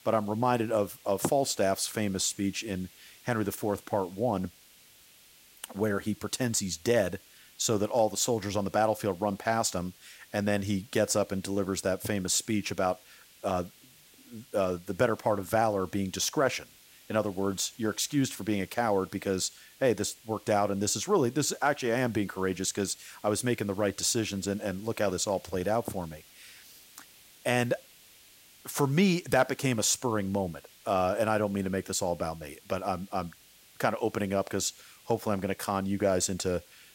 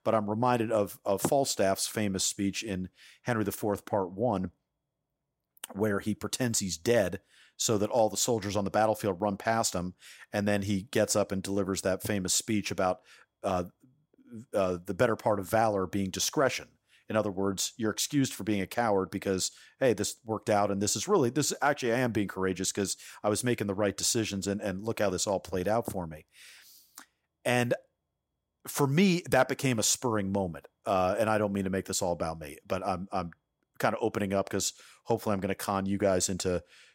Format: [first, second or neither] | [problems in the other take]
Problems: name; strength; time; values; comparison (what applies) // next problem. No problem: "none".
second | hiss; faint; throughout; 25 dB below the speech